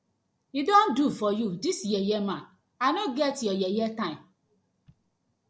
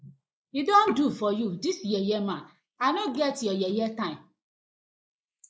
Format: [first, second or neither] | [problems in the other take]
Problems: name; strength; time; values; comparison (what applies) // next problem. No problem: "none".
first | noise reduction (neural mask model Resemble Enhance denoiser)